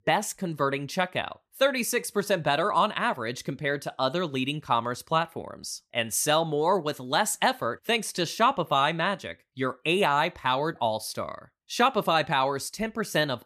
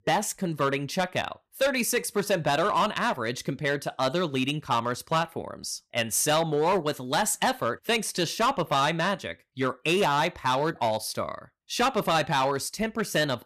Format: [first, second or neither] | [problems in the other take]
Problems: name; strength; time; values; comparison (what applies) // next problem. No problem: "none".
first | distortion; slight; 7% of the sound clipped